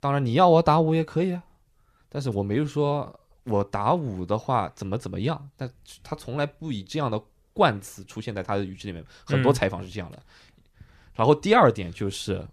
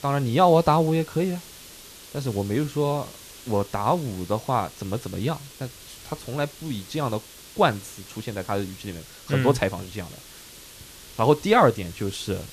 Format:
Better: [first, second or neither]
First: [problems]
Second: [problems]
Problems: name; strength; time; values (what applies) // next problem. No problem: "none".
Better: first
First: none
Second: hiss; noticeable; throughout; 20 dB below the speech